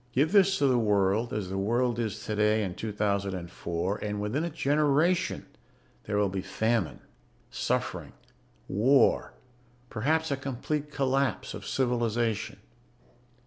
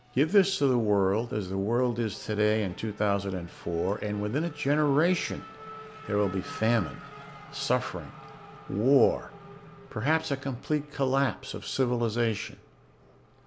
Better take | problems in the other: first | background sound (Race car, auto racing / Accelerating, revving, vroom); 19 dB below the speech

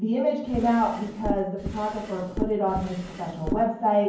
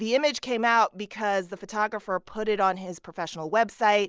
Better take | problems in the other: second | background sound (Drawer open or close); 8 dB below the speech // room echo; dies away in 0.9 s

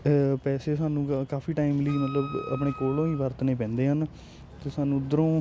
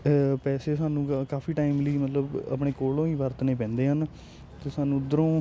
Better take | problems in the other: second | background sound (Wind instrument, woodwind instrument); 16 dB below the speech

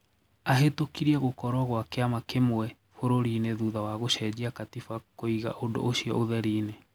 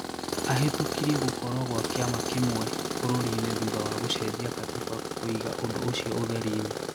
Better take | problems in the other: first | background sound (Tools); 1 dB below the speech

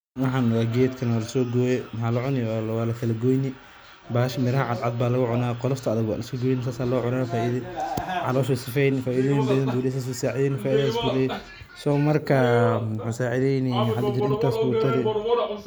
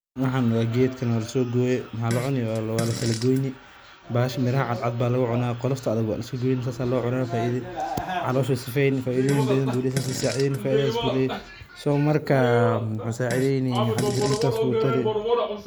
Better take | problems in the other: first | background sound (Fart); 12 dB below the speech

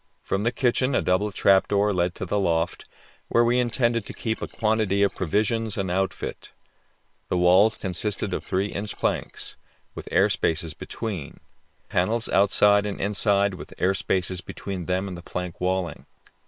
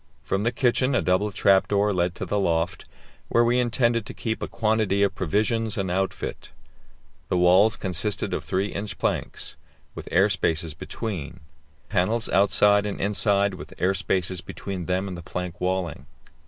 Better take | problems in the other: second | noise reduction (neural separator model SepFormer WHAM!)

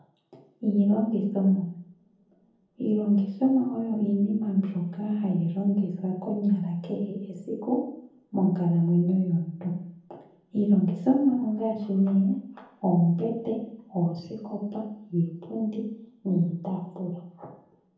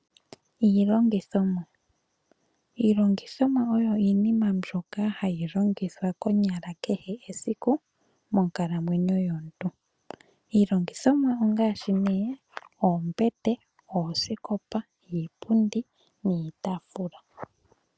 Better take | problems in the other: second | room echo; dies away in 0.7 s

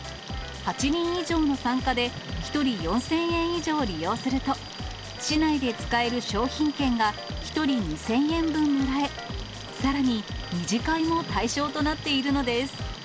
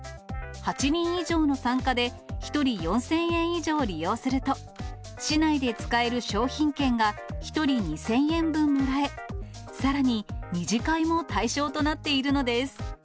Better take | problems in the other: second | background sound (Tick + Alarm); 13 dB below the speech

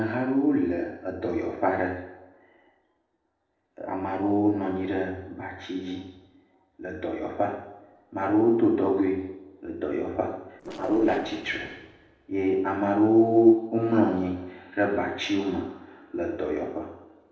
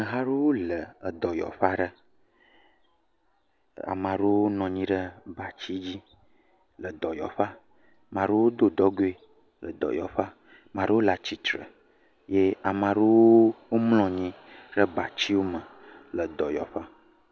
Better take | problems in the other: second | noise reduction (neural separator model SepFormer DNS4)

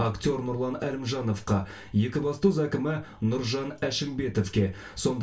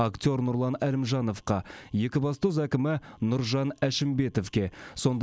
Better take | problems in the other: second | room echo; dies away in 0.2 s

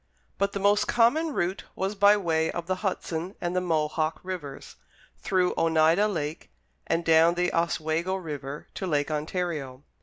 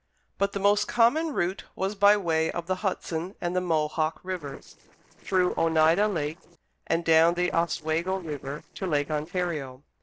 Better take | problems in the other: first | noise reduction (neural separator model SepFormer DNS4)

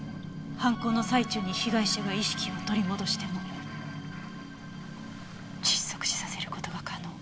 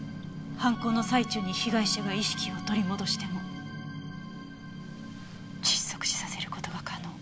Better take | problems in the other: second | background sound (Toilet flush); 19 dB below the speech

